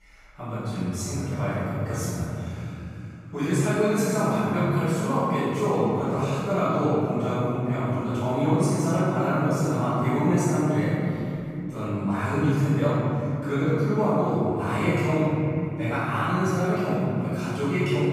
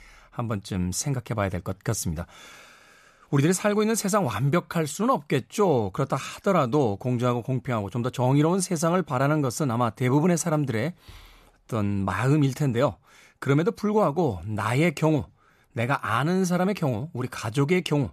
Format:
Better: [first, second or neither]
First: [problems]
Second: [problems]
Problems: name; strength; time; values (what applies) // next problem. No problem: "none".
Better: second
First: off-mic speech; far // room echo; strong; dies away in 3 s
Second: none